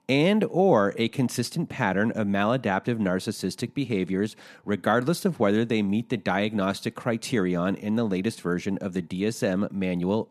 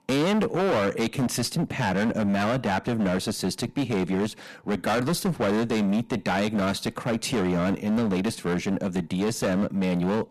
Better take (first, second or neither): first